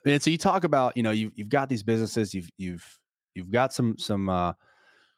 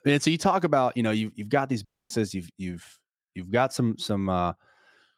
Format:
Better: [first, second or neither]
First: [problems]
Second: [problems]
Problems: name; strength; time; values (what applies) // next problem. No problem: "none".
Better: first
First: none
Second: audio cutting out; at 2 s